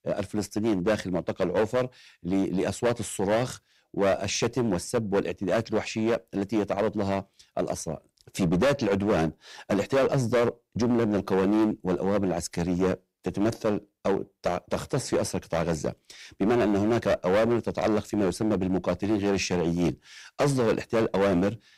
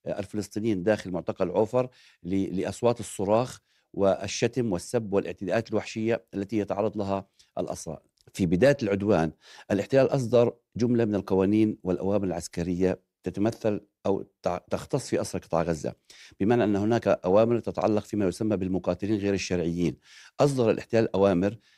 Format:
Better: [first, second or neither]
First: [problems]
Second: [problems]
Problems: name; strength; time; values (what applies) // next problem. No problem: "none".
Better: second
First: distortion; heavy; 10% of the sound clipped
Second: none